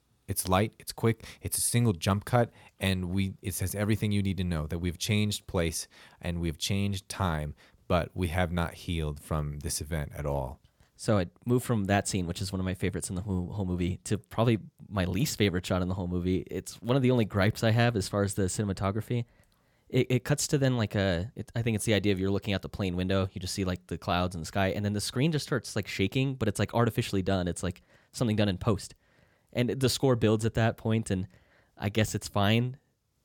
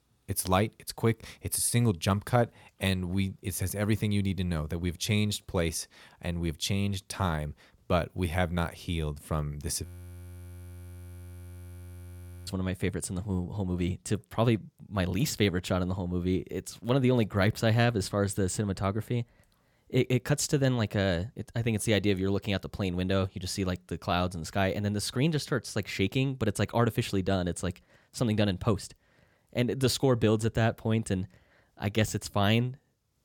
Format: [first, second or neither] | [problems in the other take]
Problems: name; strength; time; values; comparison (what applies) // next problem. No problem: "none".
first | audio freezing; at 10 s for 2.5 s